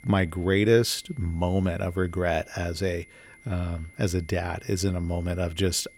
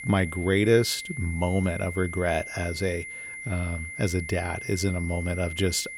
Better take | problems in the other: first | high-pitched whine; loud; throughout; 2 kHz, 9 dB below the speech; faint in the first

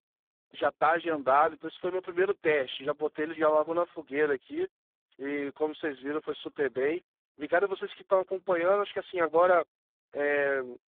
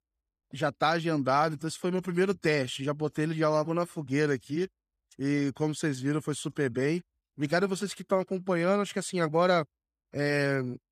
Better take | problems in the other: second | phone-call audio; poor line

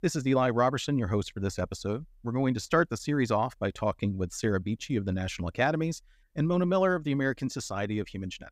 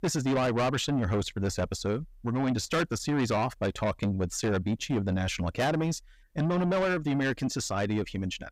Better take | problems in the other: first | distortion; heavy; 7 dB below the speech

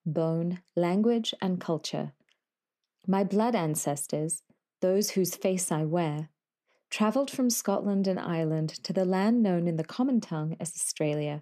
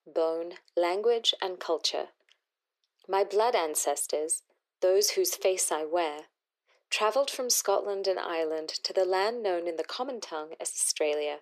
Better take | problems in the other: first | thin; very; fading below 400 Hz

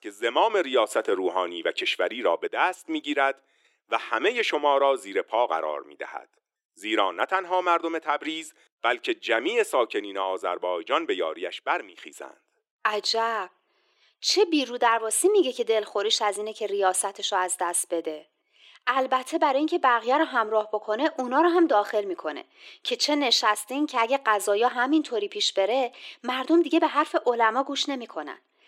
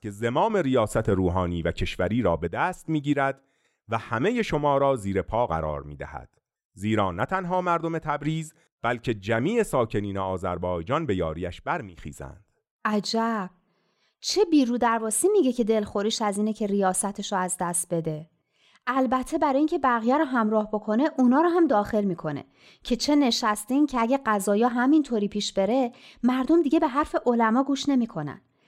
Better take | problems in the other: second | thin; somewhat; fading below 350 Hz

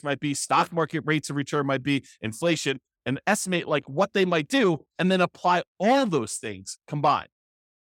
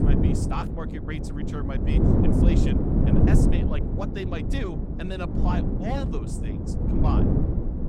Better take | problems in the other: first | wind noise on the microphone; heavy; 3 dB above the speech

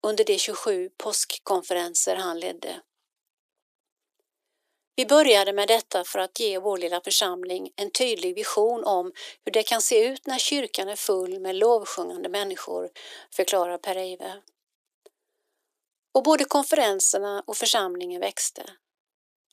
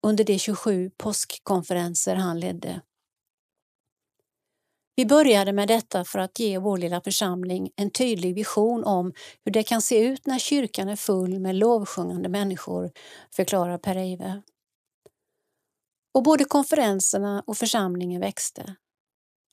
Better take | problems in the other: second | thin; somewhat; fading below 350 Hz

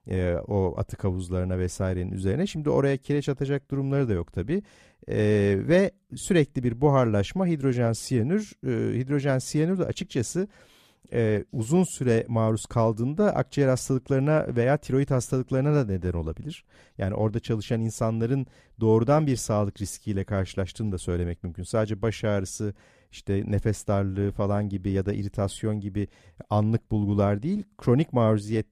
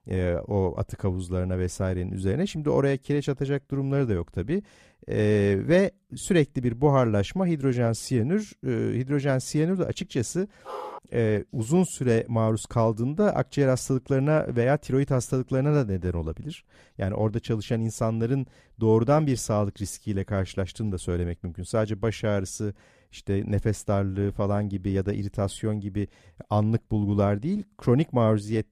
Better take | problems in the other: first | dog barking; faint; at 11 s; peak 10 dB below the speech

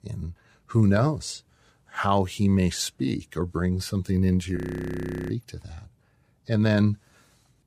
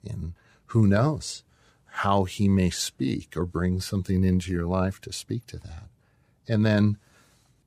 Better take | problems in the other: second | audio freezing; at 4.5 s for 0.5 s

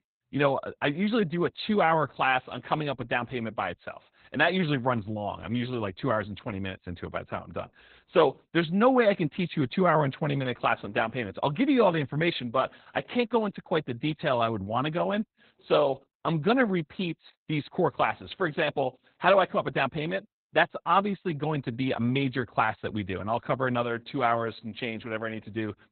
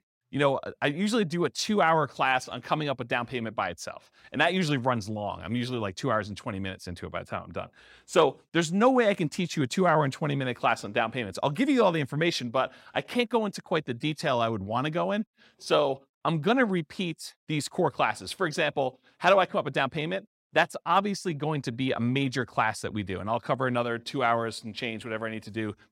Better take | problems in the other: second | garbled, watery; badly; nothing above 4 kHz

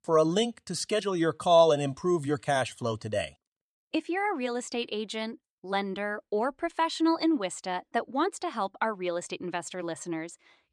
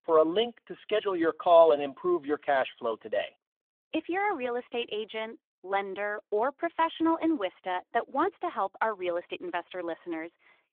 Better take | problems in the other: first | phone-call audio; nothing above 3.5 kHz

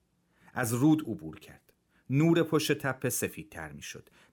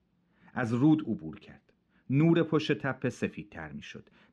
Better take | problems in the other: first | muffled; slightly; fading above 4 kHz

